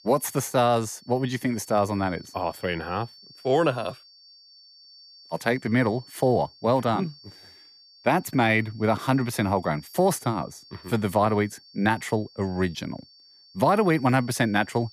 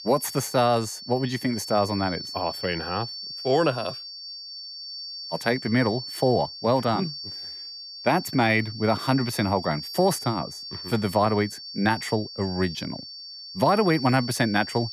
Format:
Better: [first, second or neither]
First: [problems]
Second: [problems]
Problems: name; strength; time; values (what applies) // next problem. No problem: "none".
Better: first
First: high-pitched whine; faint; throughout; 4.5 kHz, 25 dB below the speech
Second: high-pitched whine; loud; throughout; 4.5 kHz, 10 dB below the speech